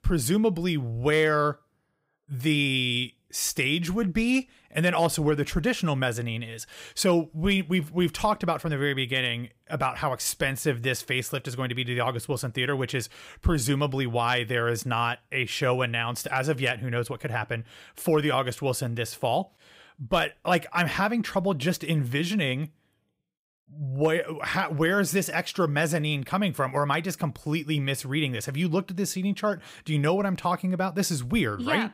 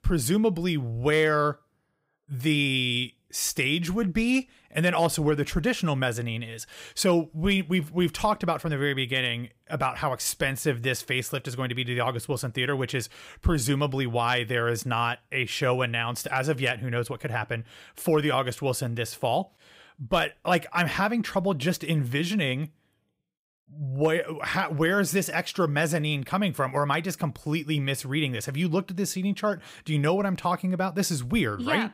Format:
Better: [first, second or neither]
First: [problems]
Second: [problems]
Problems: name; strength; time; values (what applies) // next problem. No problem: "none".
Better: neither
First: none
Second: none